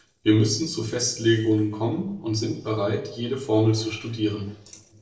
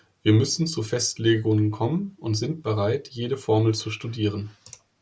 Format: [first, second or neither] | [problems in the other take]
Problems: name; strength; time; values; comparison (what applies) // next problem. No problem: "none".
second | noise reduction (neural separator model SepFormer DNS4)